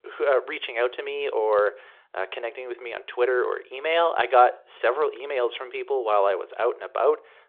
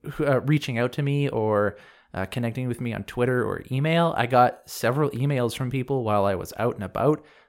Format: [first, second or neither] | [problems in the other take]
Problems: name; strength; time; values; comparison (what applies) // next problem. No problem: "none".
second | phone-call audio